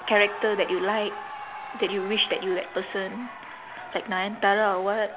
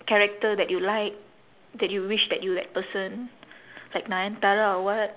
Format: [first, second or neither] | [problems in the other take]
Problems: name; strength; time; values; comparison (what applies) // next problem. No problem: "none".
second | background sound (Cheering); 12 dB below the speech